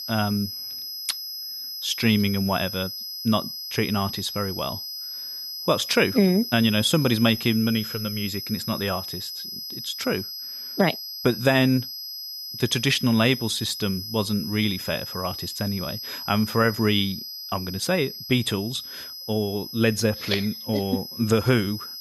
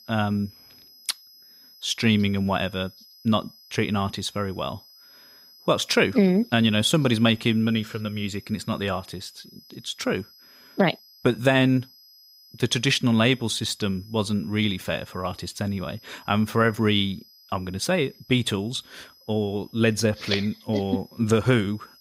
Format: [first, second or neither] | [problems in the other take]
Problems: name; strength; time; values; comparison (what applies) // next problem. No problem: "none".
second | high-pitched whine; loud; throughout; 5 kHz, 8 dB below the speech; faint in the second